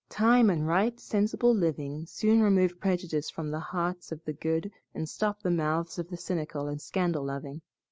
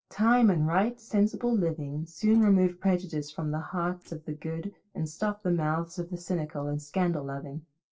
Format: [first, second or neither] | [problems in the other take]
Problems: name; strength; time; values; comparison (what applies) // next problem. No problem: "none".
first | noise reduction (neural separator model SepFormer DNS4)